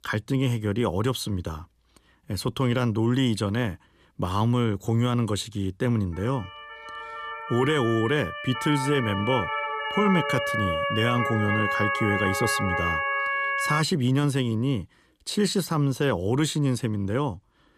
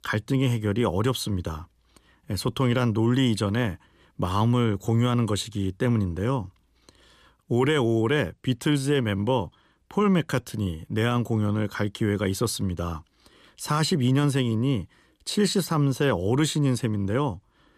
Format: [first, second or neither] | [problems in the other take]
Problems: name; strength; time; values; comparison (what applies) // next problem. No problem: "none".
second | siren; loud; from 6 to 14 s; peak 1 dB above the speech